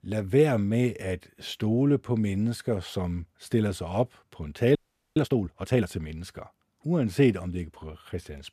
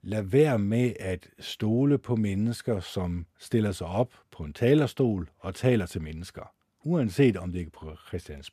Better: second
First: audio freezing; at 5 s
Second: none

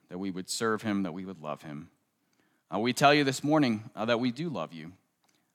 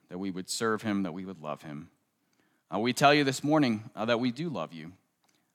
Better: neither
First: none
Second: none

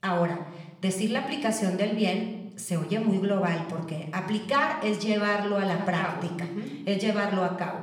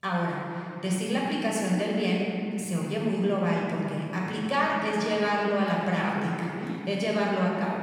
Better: first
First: room echo; slight; dies away in 0.9 s // off-mic speech; somewhat distant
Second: room echo; strong; dies away in 2.6 s // off-mic speech; far

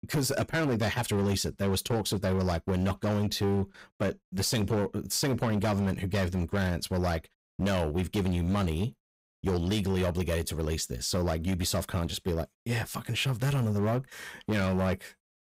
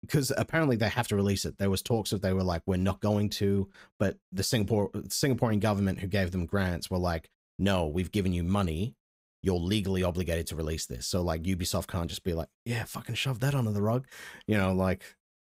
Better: second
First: distortion; slight; 15% of the sound clipped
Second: none

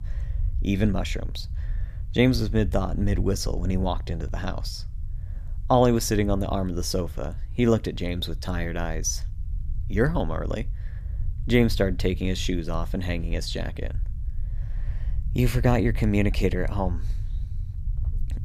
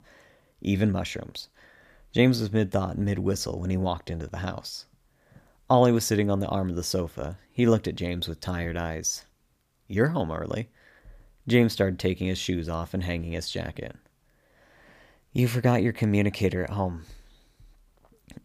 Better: second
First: low rumble; faint; throughout; 25 dB below the speech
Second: none

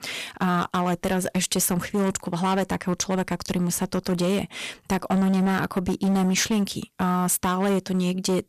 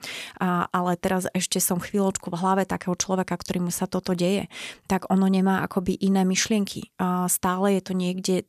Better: second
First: distortion; slight; 14% of the sound clipped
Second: none

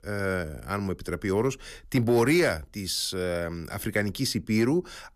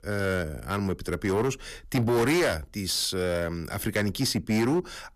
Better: first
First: none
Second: distortion; slight; 11% of the sound clipped

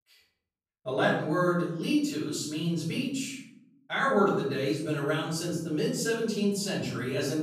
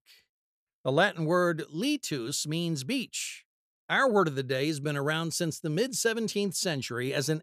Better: second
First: off-mic speech; far // room echo; noticeable; dies away in 0.9 s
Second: none

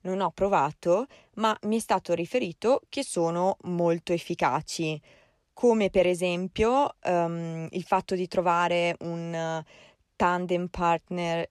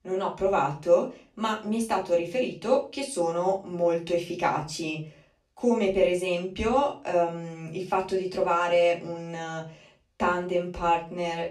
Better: first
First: none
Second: room echo; slight; dies away in 0.3 s // off-mic speech; far

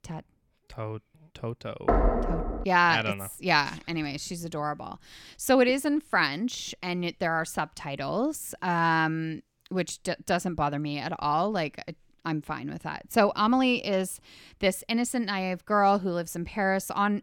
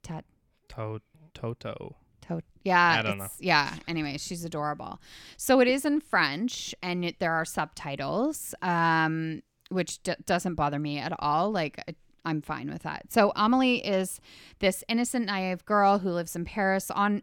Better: second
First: door banging; loud; at 2 s; peak 3 dB above the speech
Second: none

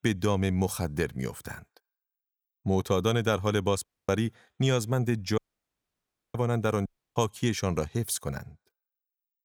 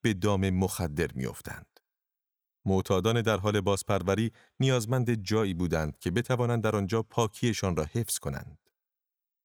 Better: second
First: audio cutting out; at 4 s, at 5.5 s for 1 s and at 7 s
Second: none

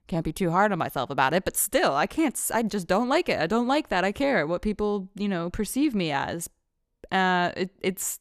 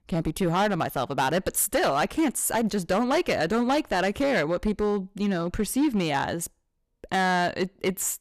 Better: first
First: none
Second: distortion; slight; 8% of the sound clipped

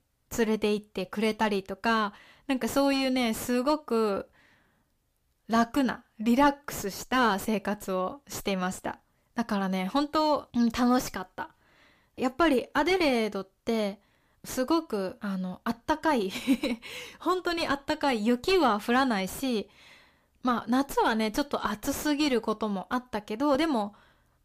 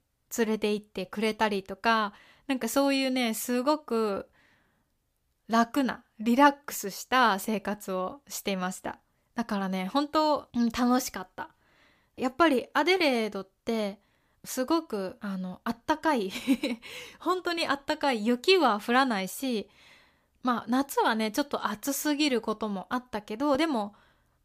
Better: second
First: distortion; slight; 10 dB below the speech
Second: none

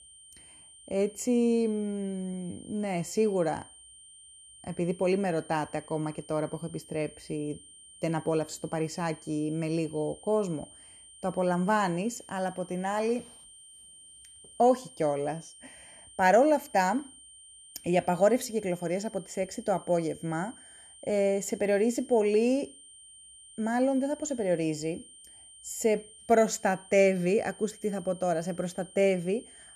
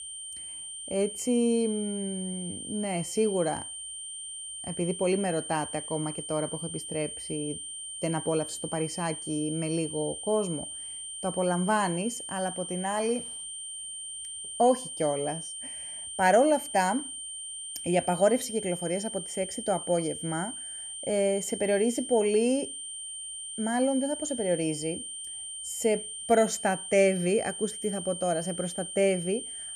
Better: first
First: high-pitched whine; faint; throughout; 9 kHz, 20 dB below the speech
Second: high-pitched whine; loud; throughout; 9 kHz, 7 dB below the speech

